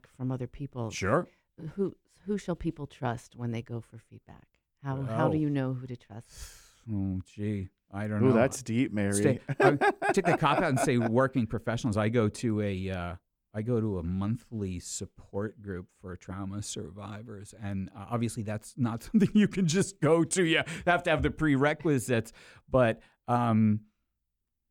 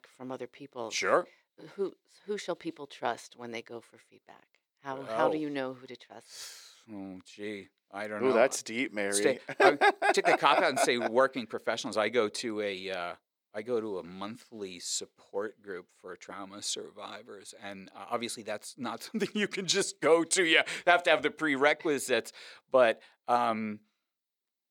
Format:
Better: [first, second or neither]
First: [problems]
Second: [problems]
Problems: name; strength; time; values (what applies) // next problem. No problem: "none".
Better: first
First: none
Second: thin; somewhat; fading below 500 Hz